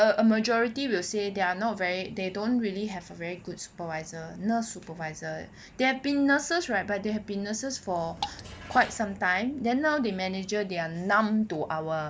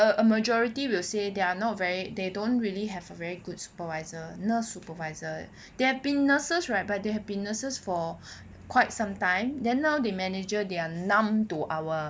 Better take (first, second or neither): second